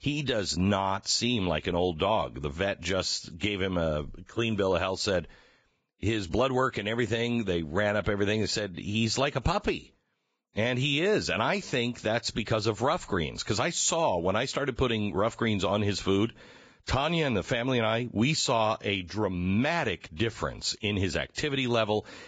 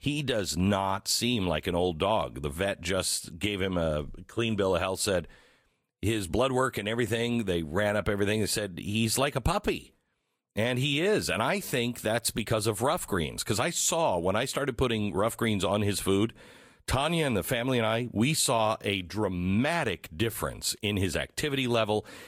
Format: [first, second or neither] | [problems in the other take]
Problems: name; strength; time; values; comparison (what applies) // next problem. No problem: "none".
second | garbled, watery; badly; nothing above 7.5 kHz; slightly in the second